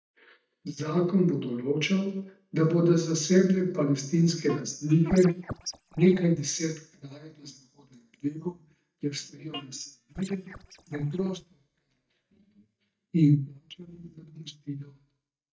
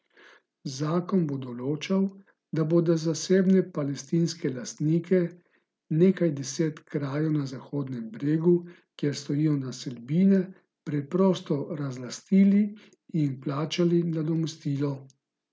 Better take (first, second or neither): second